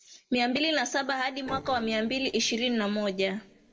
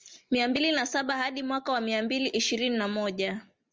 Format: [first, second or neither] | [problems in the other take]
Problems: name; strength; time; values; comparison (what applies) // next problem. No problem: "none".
second | noise reduction (neural separator model SepFormer DNS4)